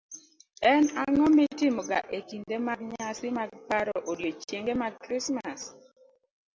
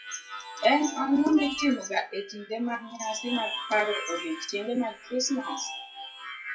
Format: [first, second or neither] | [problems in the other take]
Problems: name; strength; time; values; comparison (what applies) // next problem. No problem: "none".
first | noise reduction (classical method WPE with log-MMSE)